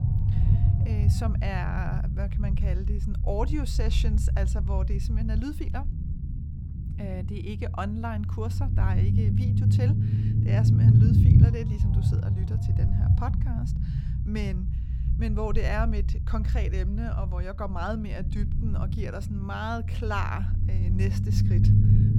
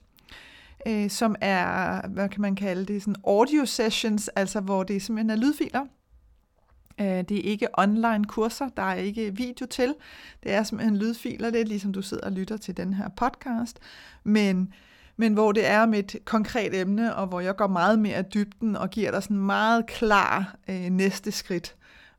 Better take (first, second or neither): second